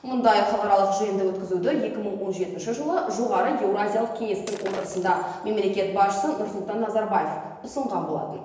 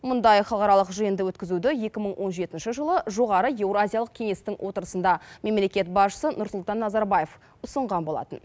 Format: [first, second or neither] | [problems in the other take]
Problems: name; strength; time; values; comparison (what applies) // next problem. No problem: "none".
second | background sound (Shatter); 16 dB below the speech // room echo; dies away in 1 s